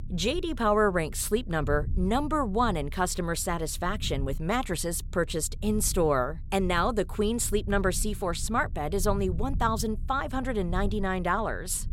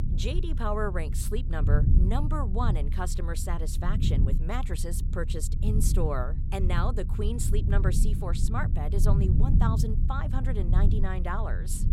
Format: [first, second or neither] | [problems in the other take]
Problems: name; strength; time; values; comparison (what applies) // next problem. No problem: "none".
first | low rumble; loud; throughout; 7 dB below the speech; faint in the first